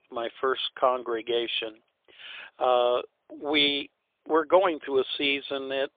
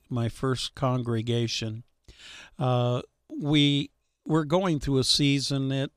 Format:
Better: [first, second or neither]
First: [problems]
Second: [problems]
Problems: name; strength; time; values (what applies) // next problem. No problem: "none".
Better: second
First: phone-call audio; poor line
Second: none